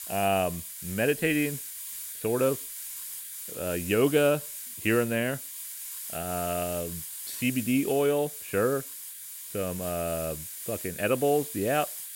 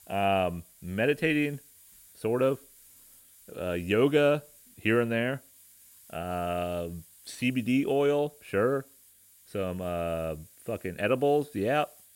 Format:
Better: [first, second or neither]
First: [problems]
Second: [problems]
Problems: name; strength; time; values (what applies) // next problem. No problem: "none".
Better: second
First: hiss; loud; throughout; 8 dB below the speech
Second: hiss; faint; throughout; 25 dB below the speech